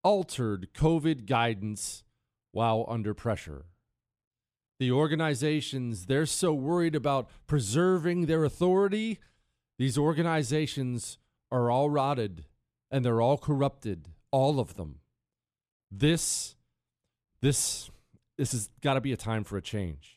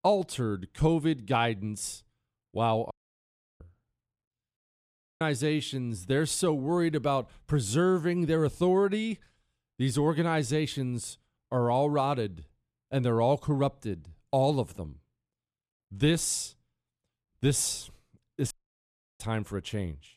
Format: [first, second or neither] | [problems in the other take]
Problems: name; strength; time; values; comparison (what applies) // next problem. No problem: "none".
first | audio cutting out; at 3 s for 0.5 s, at 4.5 s for 0.5 s and at 19 s for 0.5 s